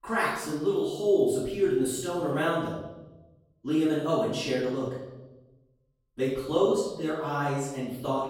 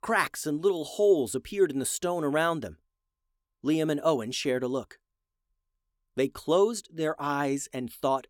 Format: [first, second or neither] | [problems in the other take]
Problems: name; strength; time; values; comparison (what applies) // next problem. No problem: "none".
second | room echo; noticeable; dies away in 1.1 s // off-mic speech; far